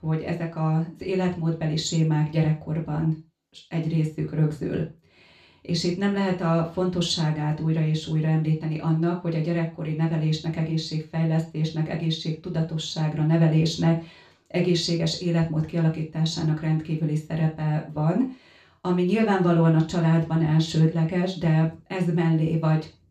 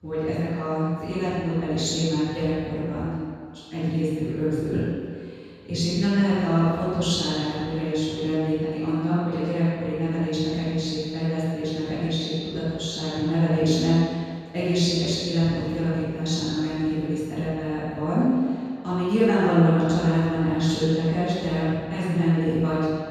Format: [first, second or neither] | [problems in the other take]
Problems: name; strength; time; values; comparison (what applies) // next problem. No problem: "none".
first | room echo; strong; dies away in 1.8 s; slight in the first // off-mic speech; far; far in the first